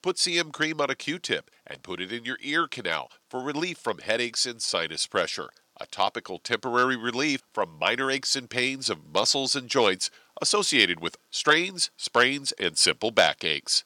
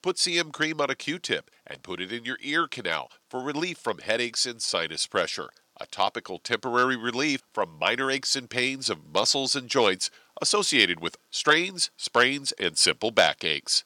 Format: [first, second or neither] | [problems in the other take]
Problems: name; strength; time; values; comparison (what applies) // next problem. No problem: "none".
neither | thin; somewhat; fading below 650 Hz; the same in both